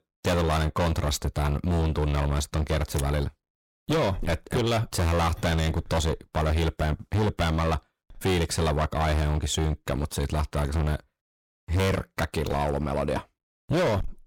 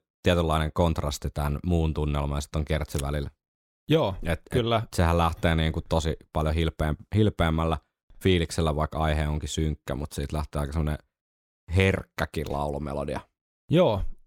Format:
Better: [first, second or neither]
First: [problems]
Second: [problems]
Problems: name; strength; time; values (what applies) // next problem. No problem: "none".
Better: second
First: distortion; heavy; 23% of the sound clipped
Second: none